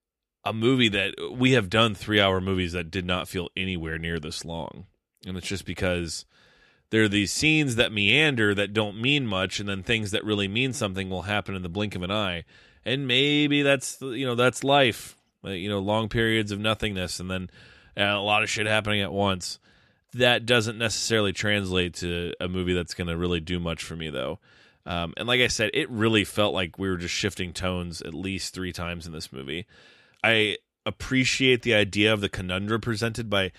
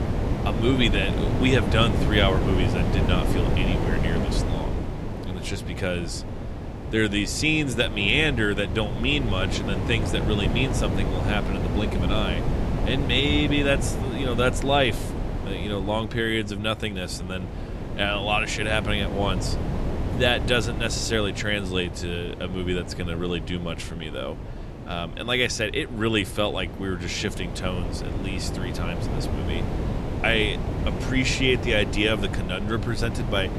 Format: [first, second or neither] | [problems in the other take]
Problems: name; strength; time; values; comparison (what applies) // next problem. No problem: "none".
first | wind noise on the microphone; heavy; 8 dB below the speech